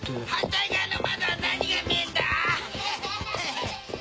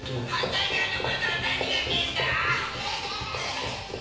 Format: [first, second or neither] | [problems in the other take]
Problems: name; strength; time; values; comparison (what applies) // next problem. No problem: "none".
first | room echo; dies away in 0.9 s